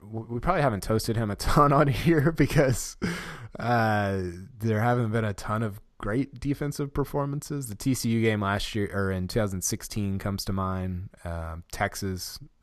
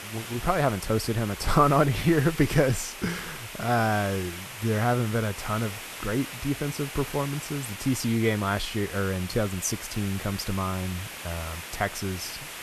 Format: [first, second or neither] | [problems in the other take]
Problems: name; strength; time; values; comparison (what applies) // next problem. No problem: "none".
first | hiss; loud; throughout; 10 dB below the speech